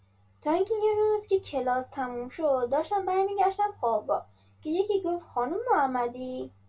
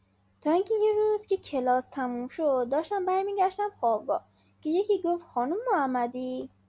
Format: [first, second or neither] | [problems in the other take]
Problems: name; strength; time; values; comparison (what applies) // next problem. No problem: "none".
second | room echo; dies away in 0.2 s